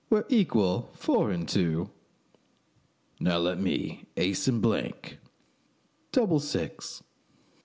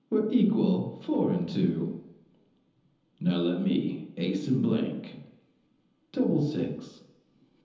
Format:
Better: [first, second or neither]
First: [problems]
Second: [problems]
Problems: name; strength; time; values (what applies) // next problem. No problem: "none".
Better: first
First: none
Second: room echo; dies away in 0.9 s